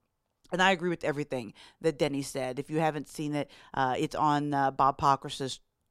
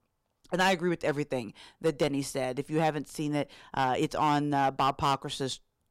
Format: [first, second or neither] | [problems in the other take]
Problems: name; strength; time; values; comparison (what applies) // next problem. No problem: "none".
first | distortion; slight; 3% of the sound clipped